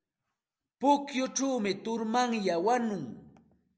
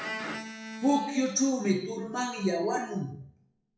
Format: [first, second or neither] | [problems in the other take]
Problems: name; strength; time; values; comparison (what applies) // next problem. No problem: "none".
first | noise reduction (classical method WPE with log-MMSE)